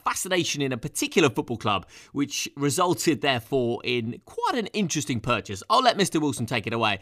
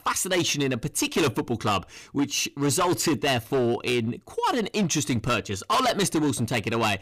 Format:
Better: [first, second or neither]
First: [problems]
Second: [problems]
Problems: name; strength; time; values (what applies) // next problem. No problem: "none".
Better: first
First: none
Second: distortion; heavy; 13% of the sound clipped